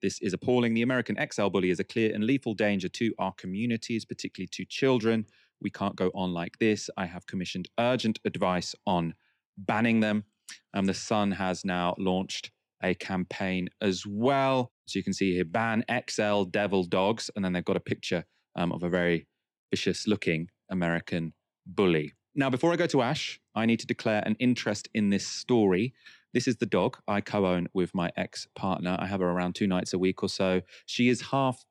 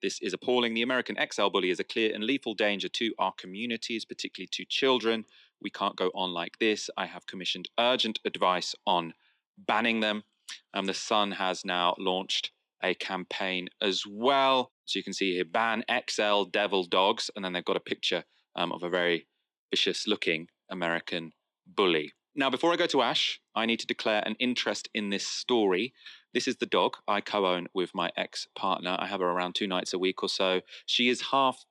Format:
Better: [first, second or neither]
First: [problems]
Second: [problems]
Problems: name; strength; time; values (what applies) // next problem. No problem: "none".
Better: first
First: none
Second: thin; somewhat; fading below 350 Hz